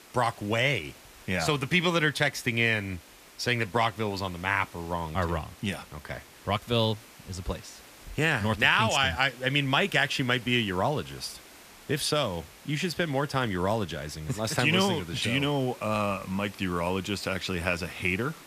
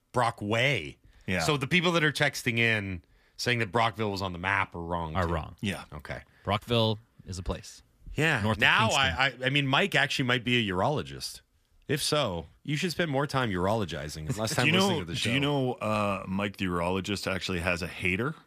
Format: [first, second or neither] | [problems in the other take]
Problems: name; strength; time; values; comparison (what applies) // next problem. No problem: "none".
second | hiss; faint; throughout; 20 dB below the speech